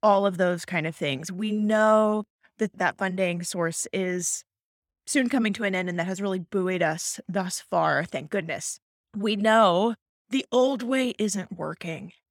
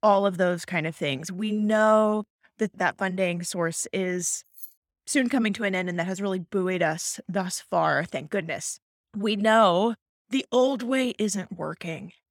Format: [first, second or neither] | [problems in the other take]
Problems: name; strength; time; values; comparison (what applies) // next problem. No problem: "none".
first | jangling keys; faint; at 4.5 s; peak 15 dB below the speech